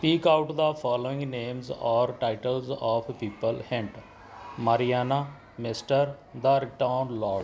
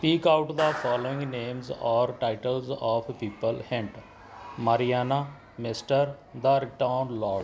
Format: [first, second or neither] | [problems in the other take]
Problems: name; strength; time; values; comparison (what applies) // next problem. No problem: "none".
first | background sound (Clapping); 15 dB below the speech